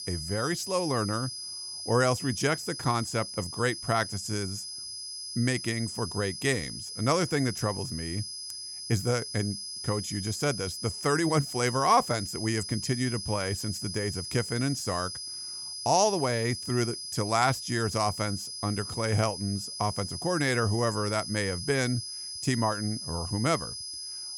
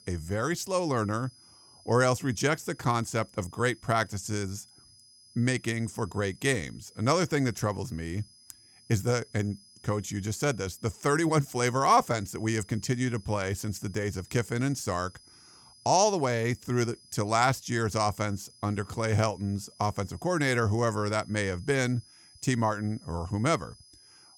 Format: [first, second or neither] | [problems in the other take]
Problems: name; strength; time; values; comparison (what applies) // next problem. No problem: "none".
second | high-pitched whine; loud; throughout; 5 kHz, 6 dB below the speech; faint in the second